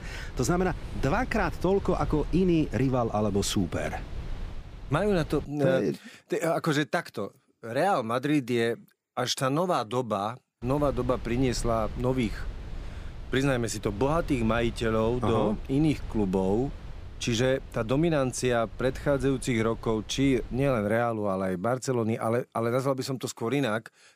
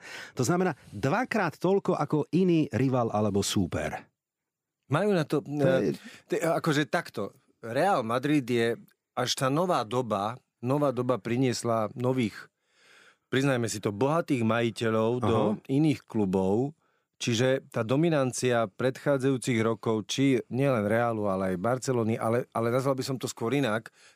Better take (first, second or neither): second